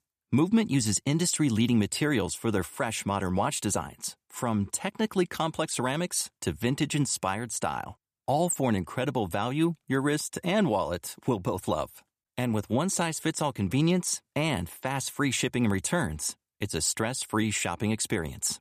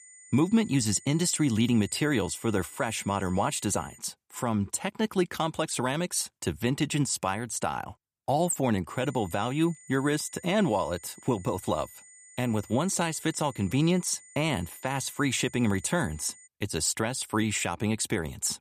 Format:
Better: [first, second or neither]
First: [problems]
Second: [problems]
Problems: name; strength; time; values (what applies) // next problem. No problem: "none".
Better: first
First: none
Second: high-pitched whine; faint; until 4 s and from 9 to 16 s; 7 kHz, 20 dB below the speech